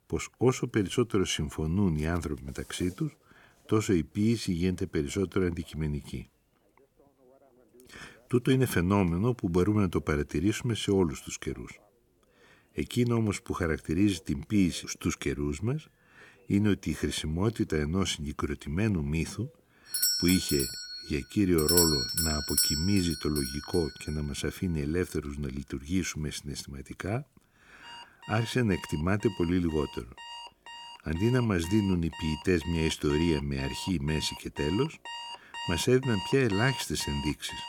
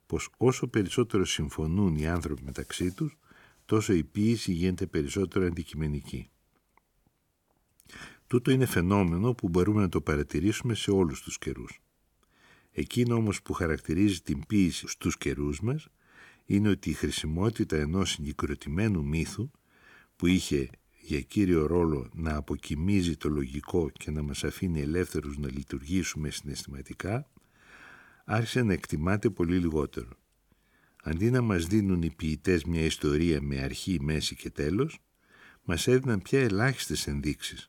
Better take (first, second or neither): second